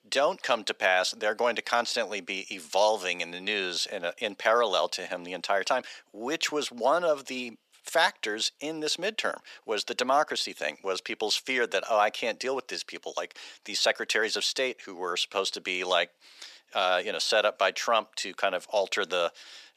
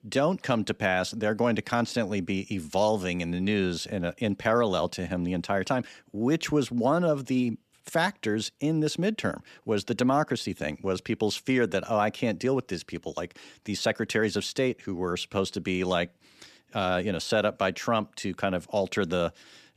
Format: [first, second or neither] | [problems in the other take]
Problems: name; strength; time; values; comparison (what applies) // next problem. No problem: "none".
second | thin; very; fading below 650 Hz